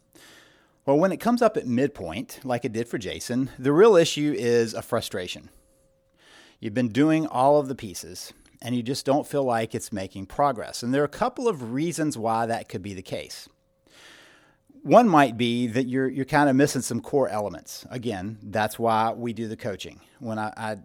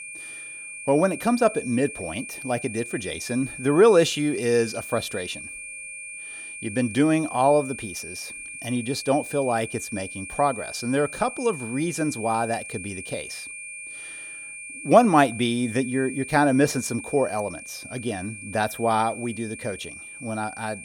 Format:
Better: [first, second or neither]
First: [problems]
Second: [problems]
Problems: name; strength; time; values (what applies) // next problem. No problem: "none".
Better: first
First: none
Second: high-pitched whine; noticeable; throughout; 2.5 kHz, 10 dB below the speech